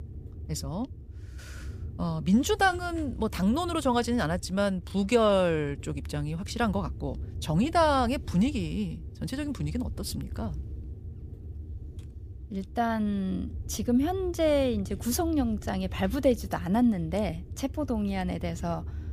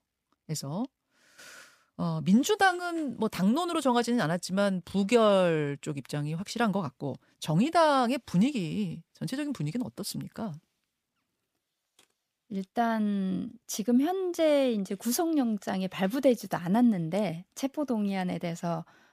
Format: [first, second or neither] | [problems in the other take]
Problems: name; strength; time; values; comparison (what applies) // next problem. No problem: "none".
second | wind noise on the microphone; occasional gusts; 25 dB below the speech